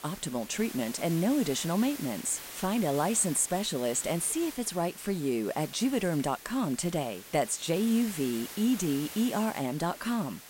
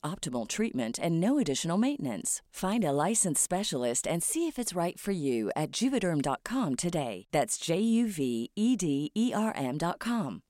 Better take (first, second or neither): second